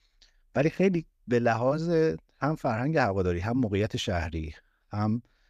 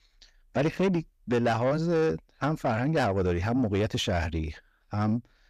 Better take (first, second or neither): first